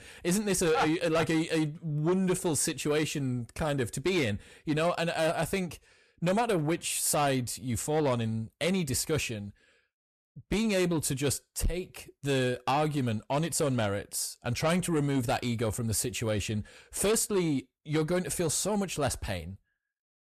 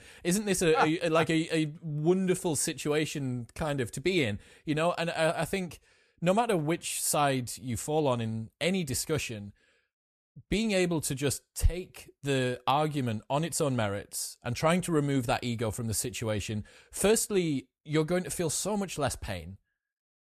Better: second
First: distortion; slight; 10 dB below the speech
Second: none

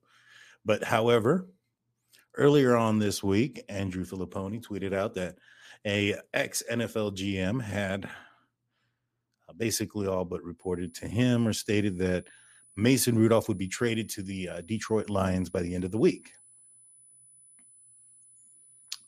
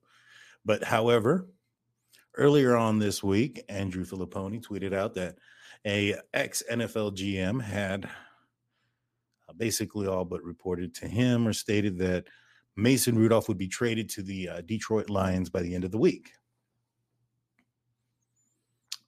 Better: second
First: high-pitched whine; faint; from 11 s on; 10 kHz, 25 dB below the speech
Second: none

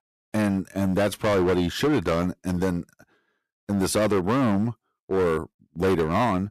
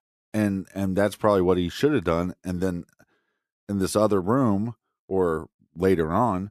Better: second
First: distortion; heavy; 14% of the sound clipped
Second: none

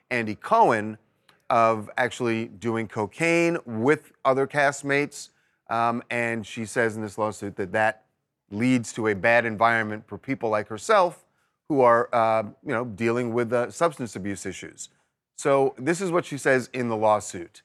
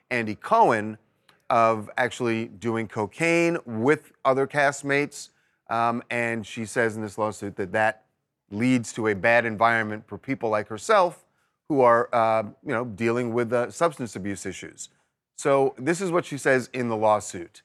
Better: neither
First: none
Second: none

